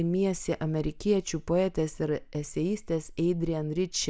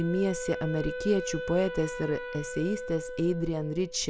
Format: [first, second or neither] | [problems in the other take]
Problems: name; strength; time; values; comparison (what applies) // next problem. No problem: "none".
first | background sound (Wind instrument, woodwind instrument); 8 dB below the speech